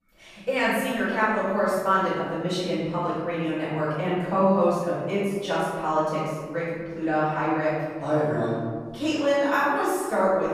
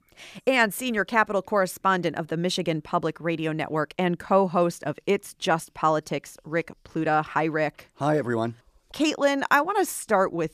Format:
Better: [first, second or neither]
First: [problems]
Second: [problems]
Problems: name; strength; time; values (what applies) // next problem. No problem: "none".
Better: second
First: room echo; strong; dies away in 1.5 s // off-mic speech; far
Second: none